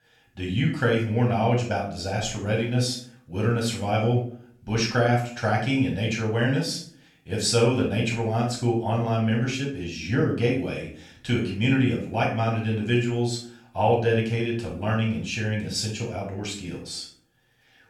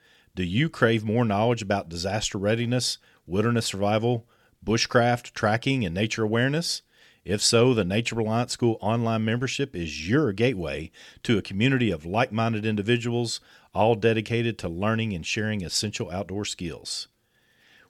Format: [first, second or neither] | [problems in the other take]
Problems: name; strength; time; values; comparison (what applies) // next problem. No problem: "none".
second | off-mic speech; far // room echo; noticeable; dies away in 0.4 s